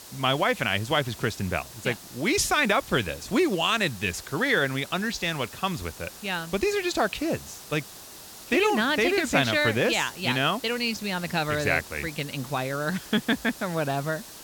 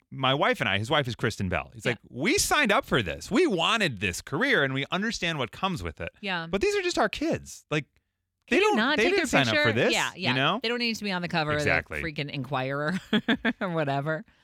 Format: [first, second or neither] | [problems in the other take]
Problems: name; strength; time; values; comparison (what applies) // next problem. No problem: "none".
second | hiss; noticeable; throughout; 15 dB below the speech